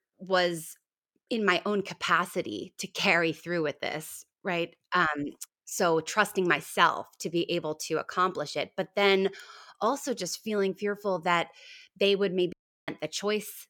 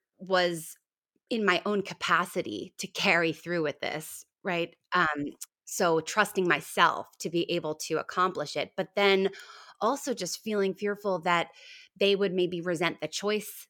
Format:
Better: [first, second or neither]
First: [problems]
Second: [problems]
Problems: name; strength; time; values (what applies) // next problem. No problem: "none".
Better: second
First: audio cutting out; at 13 s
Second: none